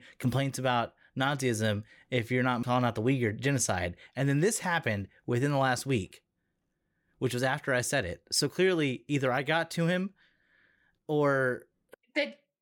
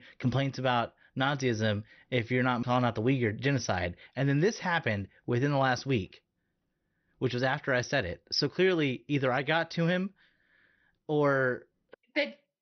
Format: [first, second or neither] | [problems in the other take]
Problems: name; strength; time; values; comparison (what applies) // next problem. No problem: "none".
first | garbled, watery; slightly; nothing above 6 kHz